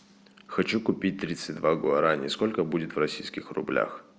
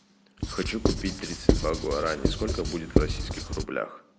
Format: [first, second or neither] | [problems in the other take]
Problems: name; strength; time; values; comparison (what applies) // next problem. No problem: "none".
first | background sound (Writing); 5 dB above the speech